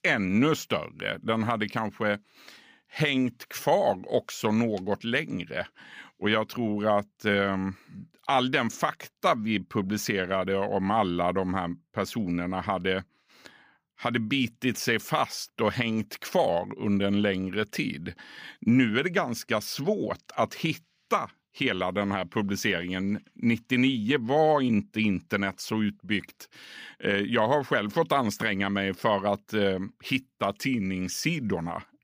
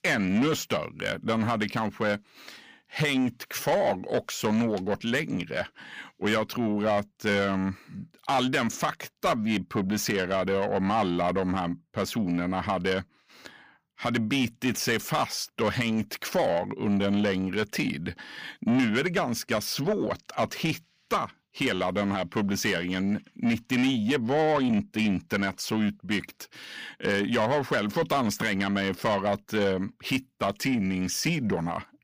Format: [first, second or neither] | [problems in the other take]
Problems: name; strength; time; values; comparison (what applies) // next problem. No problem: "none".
first | distortion; slight; 10 dB below the speech